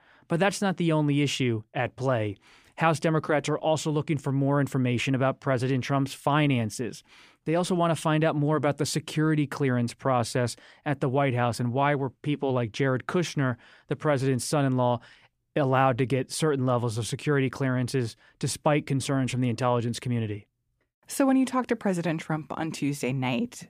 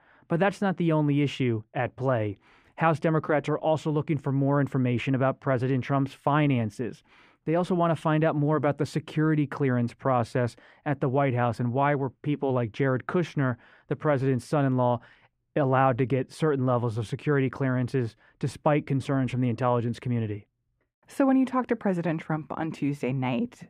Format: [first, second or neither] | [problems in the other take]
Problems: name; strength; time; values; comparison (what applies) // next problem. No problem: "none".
first | muffled; slightly; fading above 3 kHz